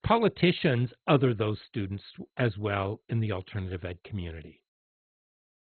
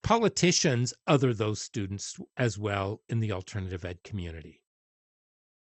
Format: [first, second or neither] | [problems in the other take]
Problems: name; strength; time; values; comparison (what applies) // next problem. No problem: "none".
second | garbled, watery; badly; nothing above 4 kHz; slightly in the second